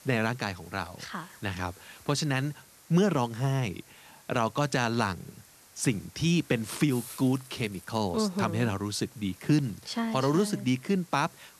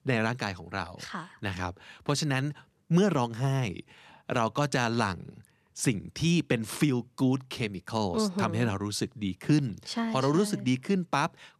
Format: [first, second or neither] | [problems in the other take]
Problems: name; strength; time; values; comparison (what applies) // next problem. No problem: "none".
second | hiss; faint; throughout; 20 dB below the speech